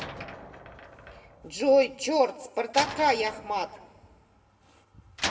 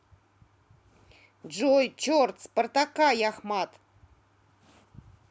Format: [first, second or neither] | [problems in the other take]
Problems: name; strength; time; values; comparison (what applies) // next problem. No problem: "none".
second | background sound (Slam); 11 dB below the speech // room echo; dies away in 1.6 s